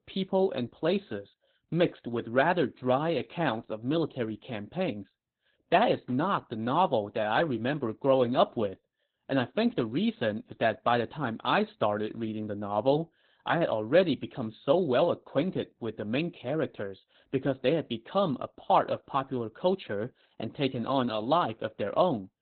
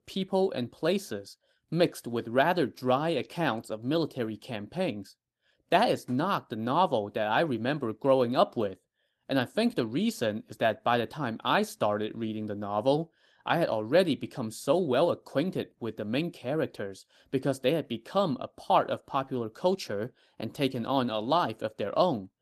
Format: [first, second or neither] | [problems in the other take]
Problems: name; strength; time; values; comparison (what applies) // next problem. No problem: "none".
second | garbled, watery; badly; nothing above 4 kHz; slightly in the second